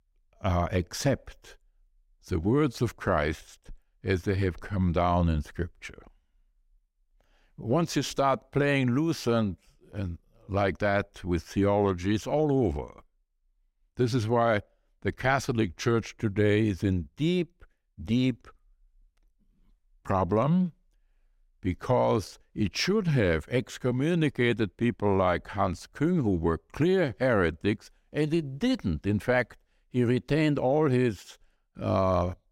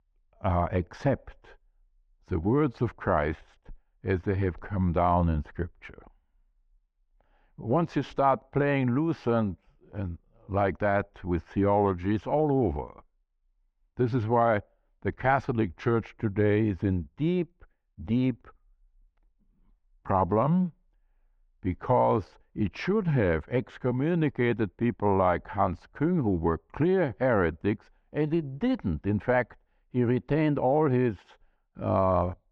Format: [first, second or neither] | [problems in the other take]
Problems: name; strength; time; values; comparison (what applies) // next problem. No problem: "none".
first | muffled; very; fading above 2 kHz